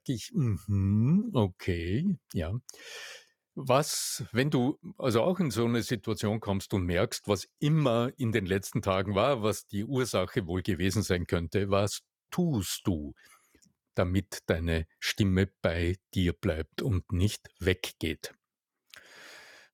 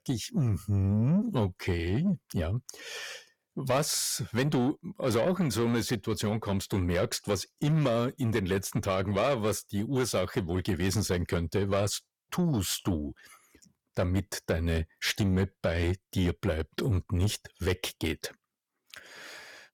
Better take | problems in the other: first | distortion; slight; 10 dB below the speech

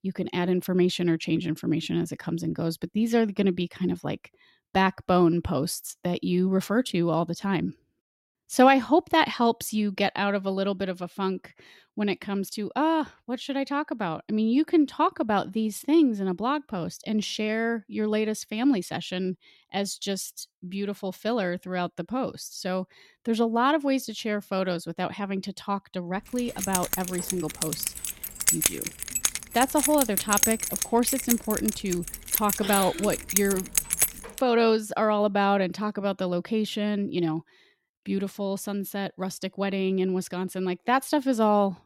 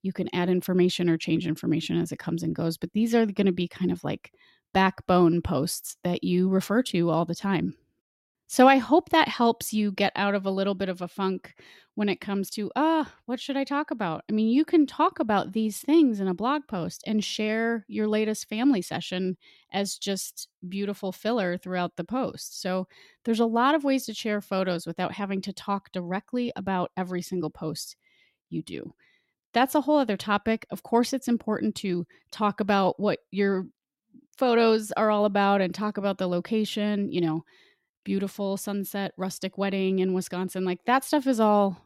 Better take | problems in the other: second | jangling keys; loud; from 26 to 34 s; peak 5 dB above the speech

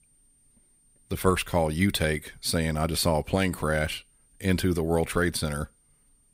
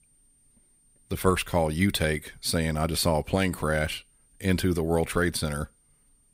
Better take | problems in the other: neither | high-pitched whine; faint; throughout; 9 kHz, 35 dB below the speech; the same in both

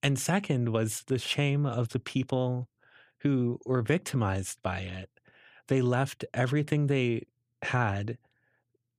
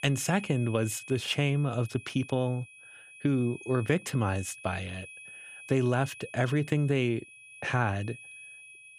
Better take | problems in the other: first | high-pitched whine; noticeable; throughout; 2.5 kHz, 15 dB below the speech

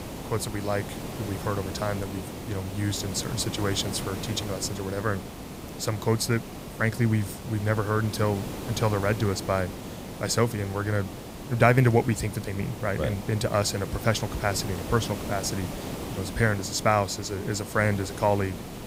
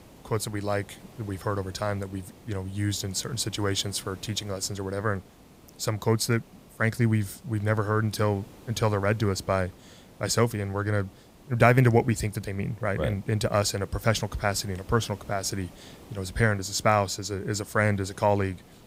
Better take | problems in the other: second | hiss; loud; throughout; 9 dB below the speech; faint in the second

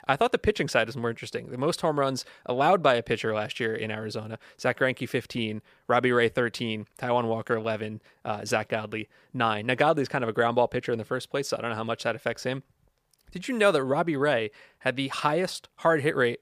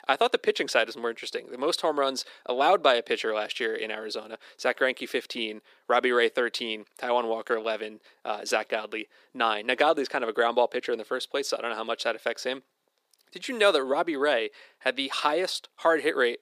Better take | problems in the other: first | thin; somewhat; fading below 300 Hz

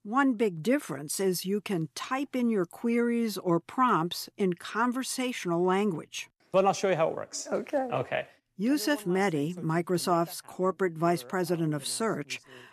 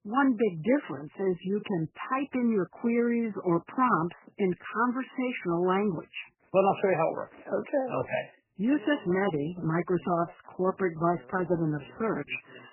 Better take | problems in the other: first | garbled, watery; badly; nothing above 3 kHz

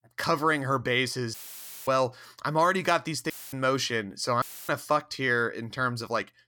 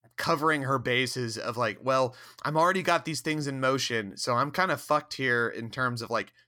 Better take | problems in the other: second | audio cutting out; filled with static; at 1.5 s for 0.5 s, at 3.5 s and at 4.5 s

